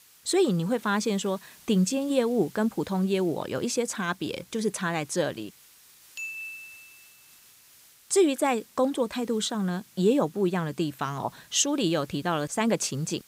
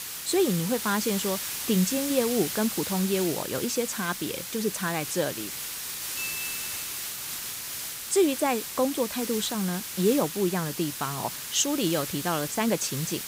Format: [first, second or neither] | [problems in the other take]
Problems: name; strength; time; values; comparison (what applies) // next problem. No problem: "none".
first | hiss; loud; throughout; 4 dB below the speech; faint in the first